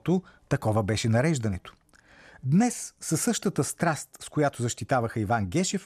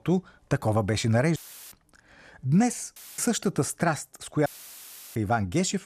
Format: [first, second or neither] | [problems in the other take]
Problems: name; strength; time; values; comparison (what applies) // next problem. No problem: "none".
first | audio cutting out; filled with static; at 1.5 s, at 3 s and at 4.5 s for 0.5 s